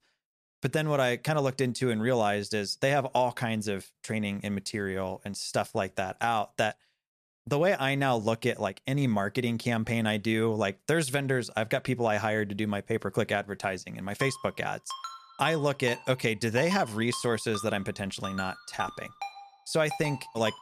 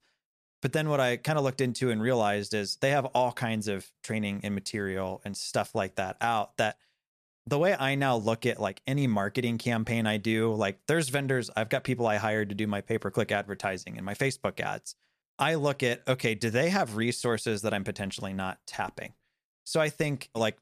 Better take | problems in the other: second | phone ringing; noticeable; from 14 s on; peak 10 dB below the speech

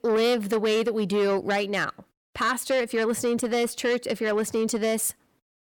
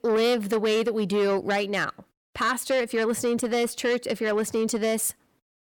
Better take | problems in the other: neither | distortion; slight; 10 dB below the speech; the same in both

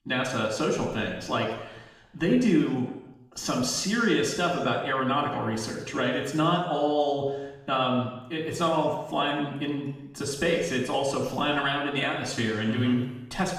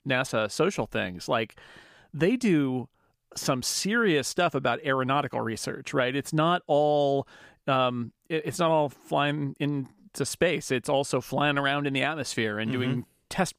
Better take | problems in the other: second | room echo; noticeable; dies away in 0.9 s // off-mic speech; far

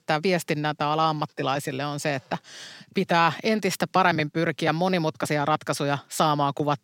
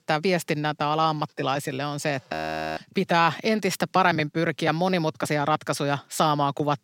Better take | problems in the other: first | audio freezing; at 2.5 s

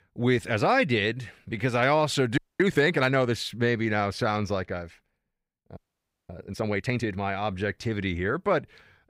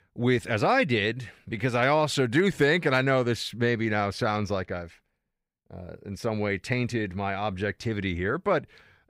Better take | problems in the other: second | audio freezing; at 2.5 s and at 6 s for 0.5 s

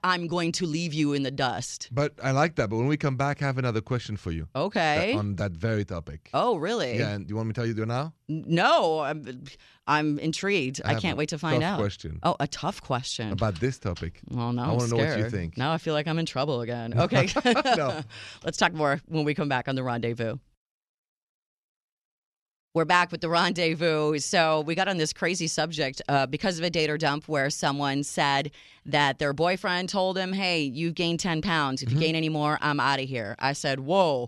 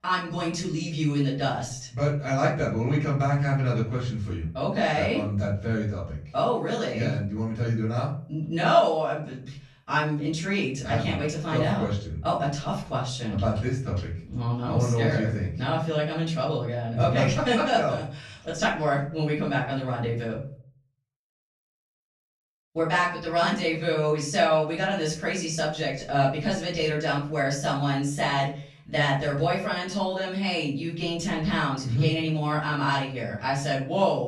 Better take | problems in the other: first | room echo; noticeable; dies away in 0.4 s // off-mic speech; far

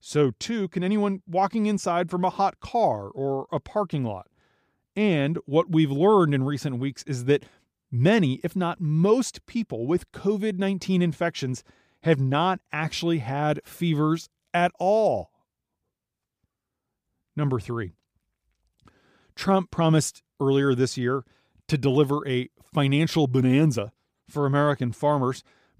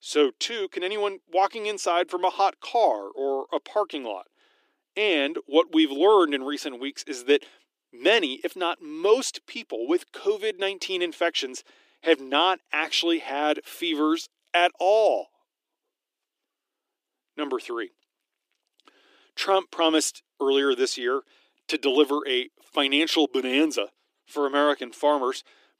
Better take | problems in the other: first | thin; somewhat; fading below 300 Hz

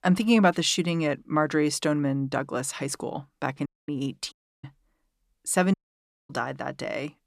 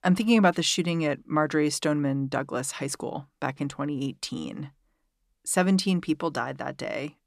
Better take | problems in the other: second | audio cutting out; at 3.5 s, at 4.5 s and at 5.5 s for 0.5 s

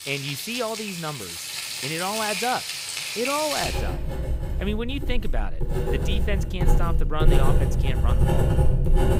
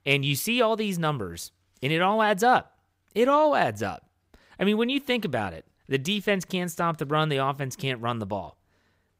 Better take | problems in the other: second | household noises; very loud; throughout; 4 dB above the speech

